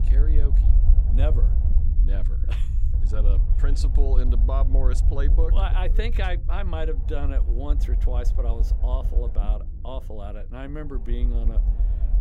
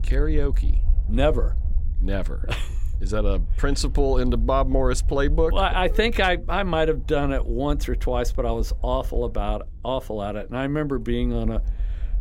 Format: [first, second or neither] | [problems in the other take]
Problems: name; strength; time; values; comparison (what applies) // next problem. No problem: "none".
second | low rumble; loud; throughout; 8 dB below the speech; faint in the second